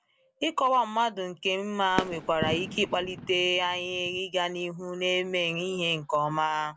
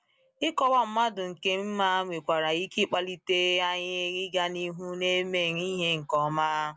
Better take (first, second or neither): second